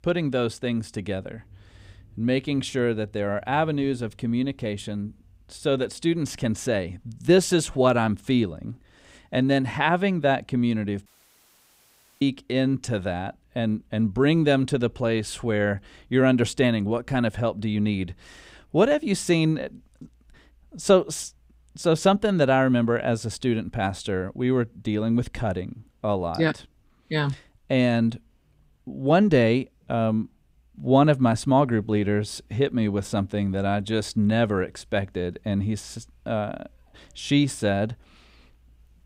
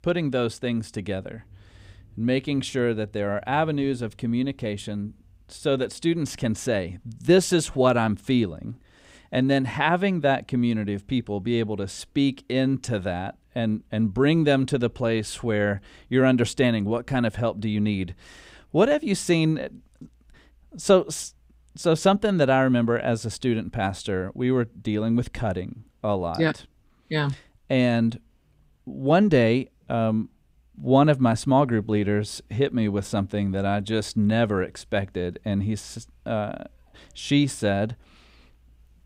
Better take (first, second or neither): second